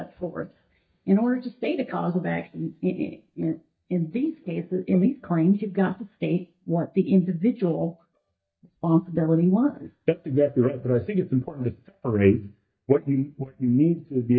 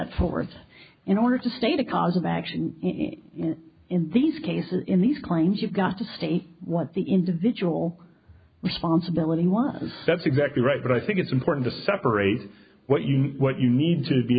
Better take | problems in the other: second | noise reduction (neural mask model DeepFilterNet 3)

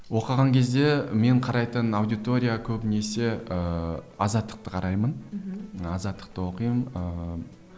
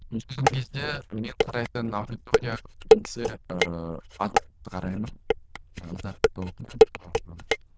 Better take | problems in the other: first | noise reduction (neural diffusion model UNIVERSE++)

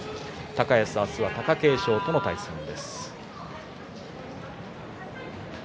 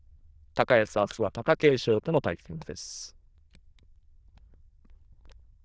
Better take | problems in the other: first | noise reduction (neural diffusion model UNIVERSE++)

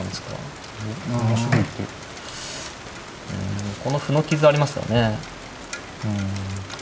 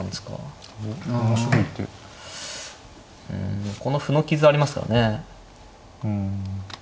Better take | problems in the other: second | background sound (Rain); 13 dB below the speech

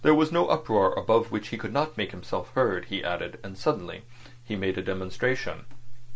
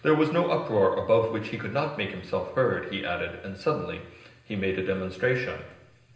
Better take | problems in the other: first | room echo; dies away in 0.9 s

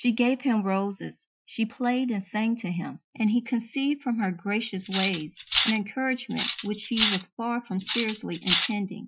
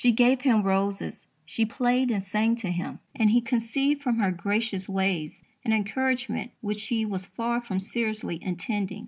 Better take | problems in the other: second | noise reduction (classical method Wiener filter)

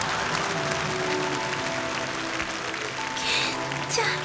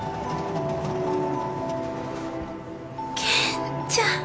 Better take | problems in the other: second | background sound (Applause / Crowd); as loud as the speech

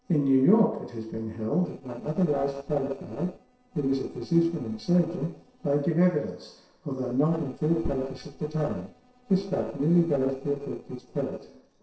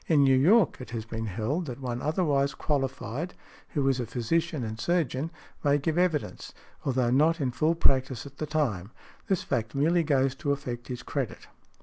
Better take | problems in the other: second | noise reduction (neural separator model SepFormer DNS4)

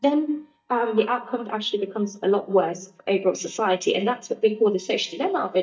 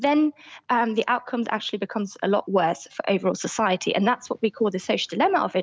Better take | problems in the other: second | noise reduction (neural mask model DeepFilterNet 3)

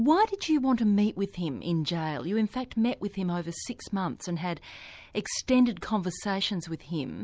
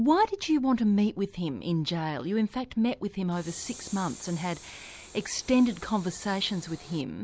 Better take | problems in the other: first | background sound (Train); 19 dB below the speech

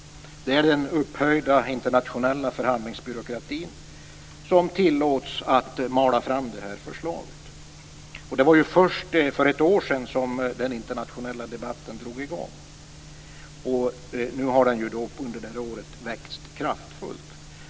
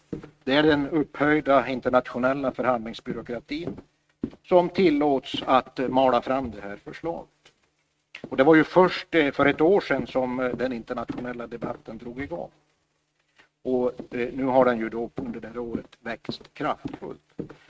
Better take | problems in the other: first | noise reduction (neural mask model RNNoise)

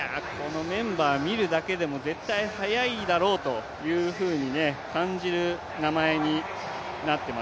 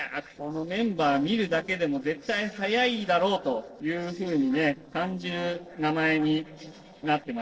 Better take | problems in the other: first | noise reduction (neural separator model SepFormer DNS4)

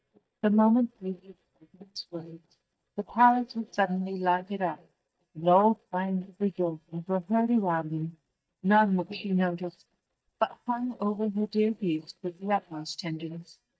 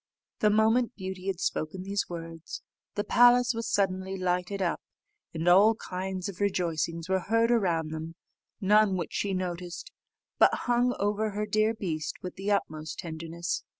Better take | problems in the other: second | noise reduction (neural mask model DeepFilterNet 3)

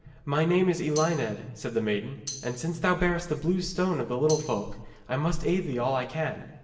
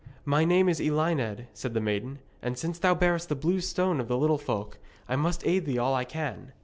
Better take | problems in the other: second | background sound (Tambourine); 13 dB below the speech // room echo; dies away in 1 s

